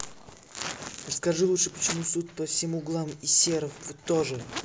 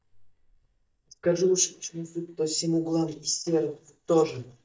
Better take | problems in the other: first | noise reduction (neural mask model DeepFilterNet 3)

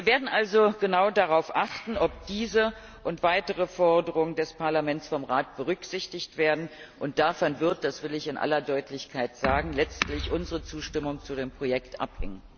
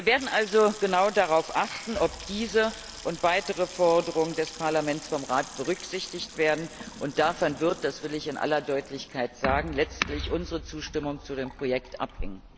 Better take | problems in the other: first | background sound (Sink (filling or washing) / Water tap, faucet); 17 dB below the speech

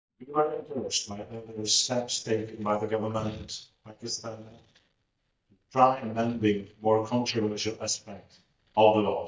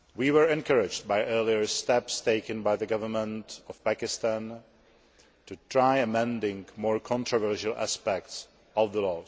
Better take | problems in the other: second | noise reduction (neural mask model DeepFilterNet 3)

